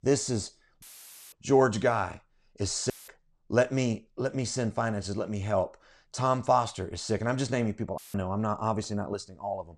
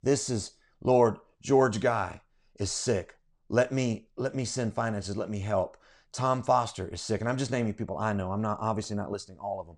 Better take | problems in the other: second | audio cutting out; filled with static; at 1 s for 0.5 s, at 3 s and at 8 s

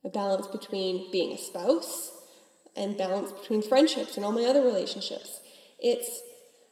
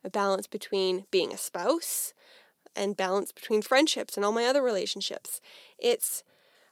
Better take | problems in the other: second | room echo; slight; dies away in 1.2 s

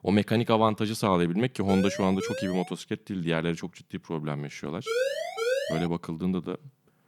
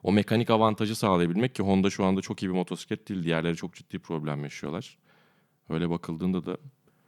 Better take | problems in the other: second | siren; noticeable; from 1.5 to 2.5 s and from 5 to 6 s; peak level with the speech

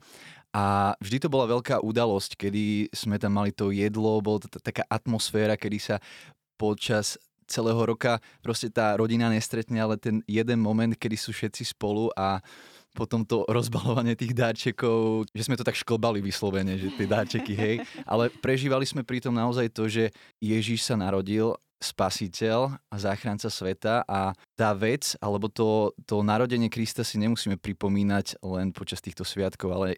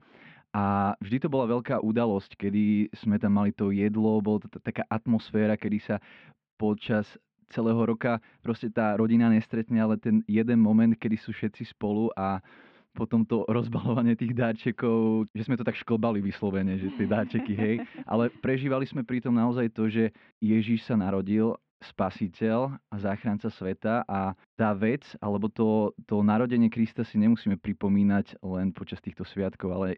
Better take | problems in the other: first | muffled; very; fading above 3 kHz

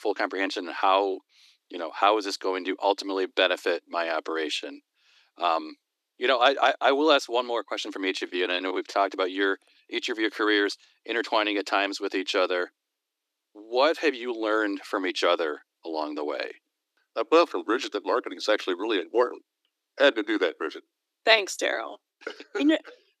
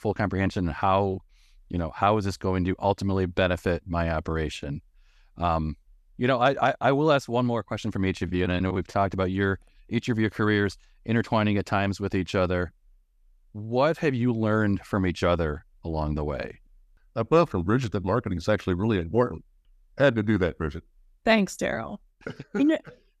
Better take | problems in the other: second | thin; somewhat; fading below 300 Hz

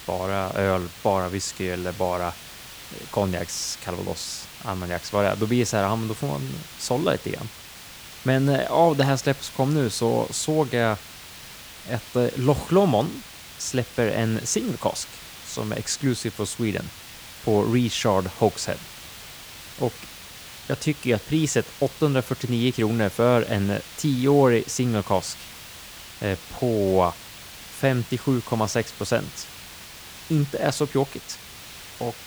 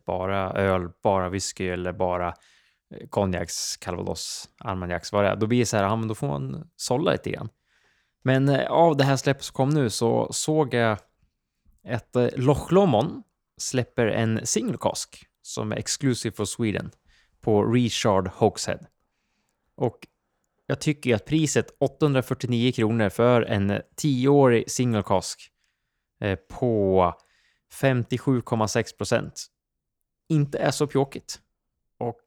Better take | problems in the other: second | hiss; noticeable; throughout; 15 dB below the speech

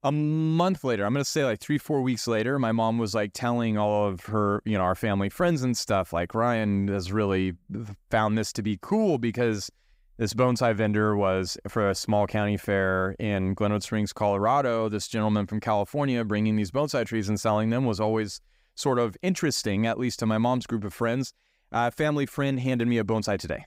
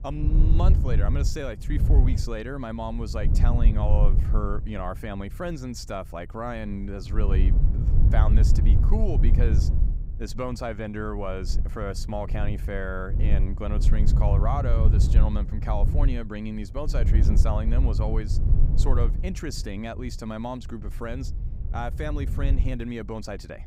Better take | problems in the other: first | wind noise on the microphone; heavy; 7 dB below the speech

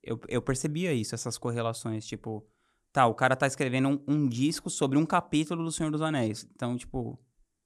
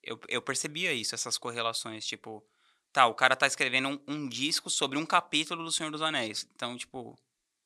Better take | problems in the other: first | thin; somewhat; fading below 900 Hz

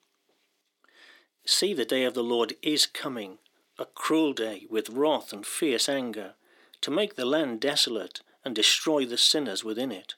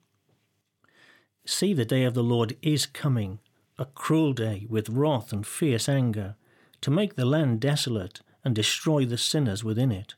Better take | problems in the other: second | thin; somewhat; fading below 300 Hz

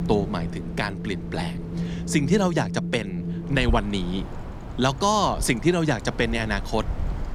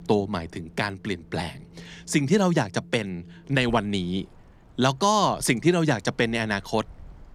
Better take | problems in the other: second | wind in the background; loud; throughout; 7 dB below the speech; faint in the second

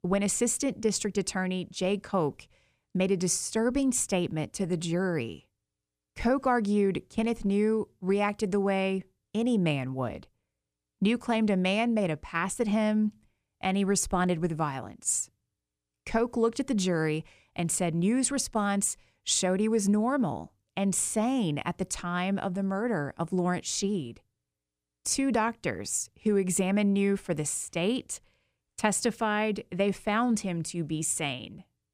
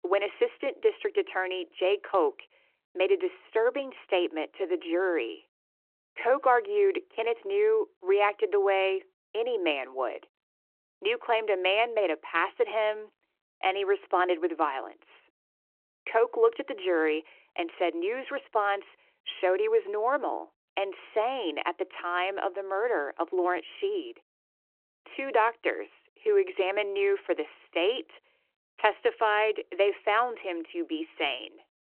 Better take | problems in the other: first | phone-call audio

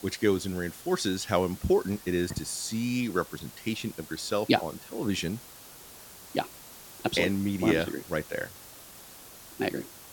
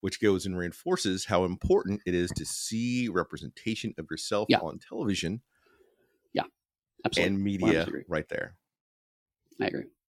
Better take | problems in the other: second | hiss; noticeable; throughout; 15 dB below the speech

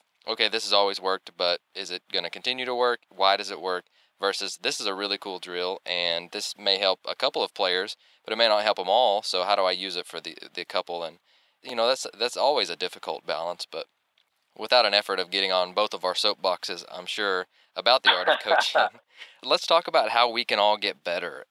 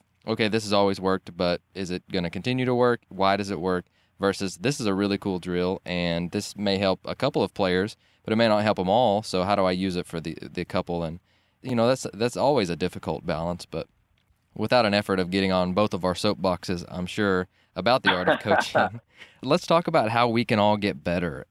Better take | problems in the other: second | thin; very; fading below 650 Hz

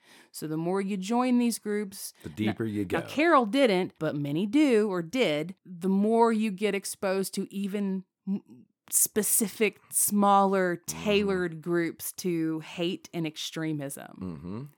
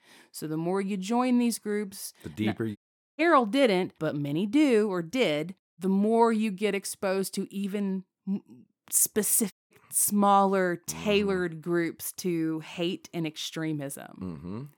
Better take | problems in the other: first | audio cutting out; at 3 s, at 5.5 s and at 9.5 s

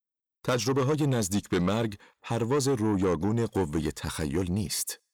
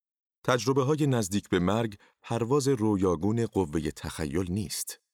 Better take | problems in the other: second | distortion; slight; 10 dB below the speech

